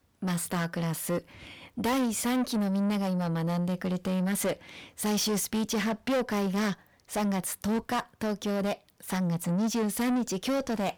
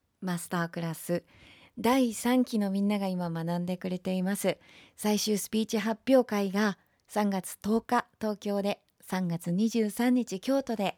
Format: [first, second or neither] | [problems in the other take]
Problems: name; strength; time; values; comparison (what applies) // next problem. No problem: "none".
second | distortion; heavy; 7 dB below the speech